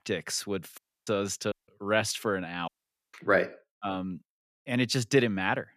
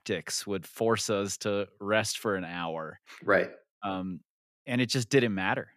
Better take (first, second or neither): second